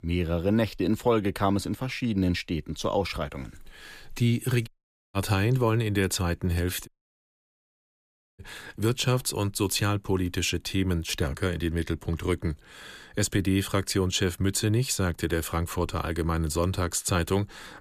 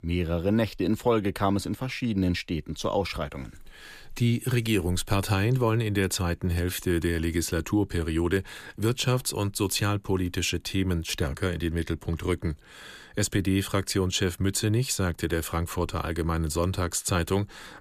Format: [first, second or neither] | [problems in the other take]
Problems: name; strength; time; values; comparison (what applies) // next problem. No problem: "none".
second | audio cutting out; at 4.5 s and at 7 s for 1.5 s